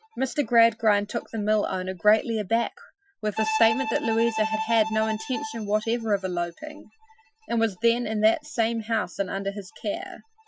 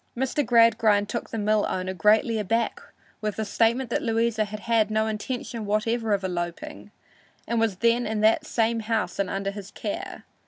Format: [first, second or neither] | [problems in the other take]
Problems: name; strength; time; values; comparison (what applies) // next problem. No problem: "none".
second | noise reduction (classical method Wiener filter)